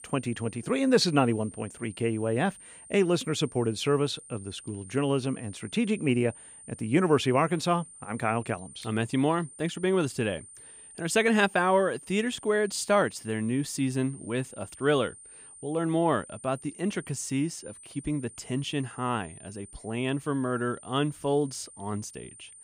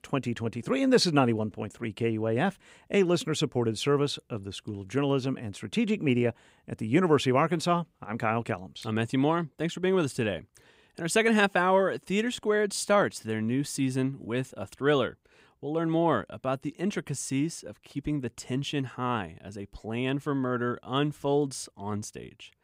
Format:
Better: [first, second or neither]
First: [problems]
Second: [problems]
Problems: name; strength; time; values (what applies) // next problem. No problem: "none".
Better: second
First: high-pitched whine; noticeable; throughout; 9 kHz, 20 dB below the speech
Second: none